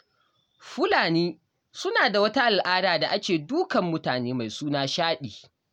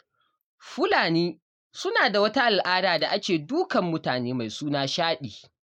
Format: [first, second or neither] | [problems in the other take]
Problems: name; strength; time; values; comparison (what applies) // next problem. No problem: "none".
first | noise reduction (neural mask model Resemble Enhance denoiser)